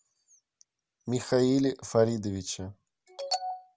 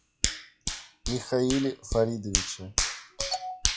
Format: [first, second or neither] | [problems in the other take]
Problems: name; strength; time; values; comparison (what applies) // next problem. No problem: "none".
first | noise reduction (classical method log-MMSE)